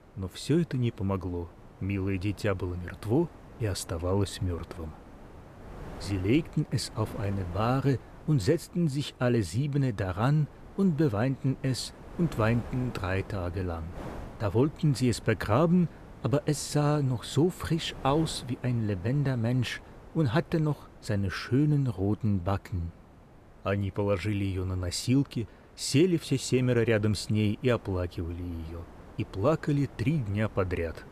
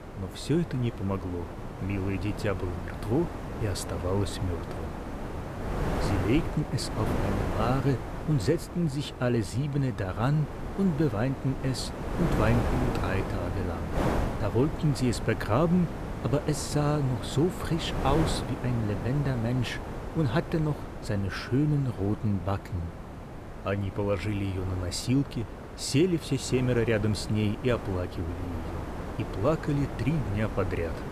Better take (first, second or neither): first